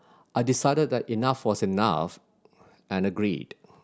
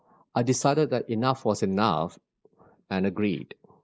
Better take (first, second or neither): first